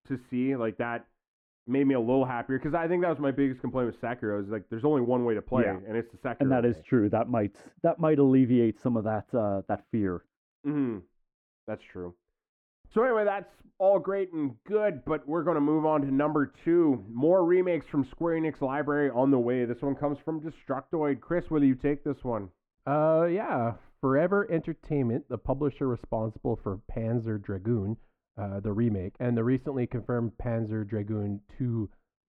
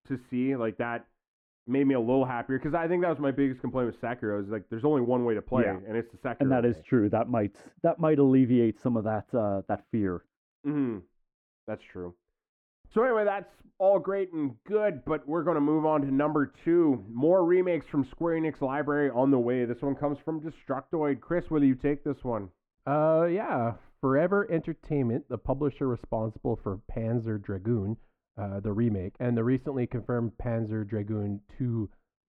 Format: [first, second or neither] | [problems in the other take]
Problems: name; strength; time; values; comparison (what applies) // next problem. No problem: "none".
neither | muffled; very; fading above 3 kHz; the same in both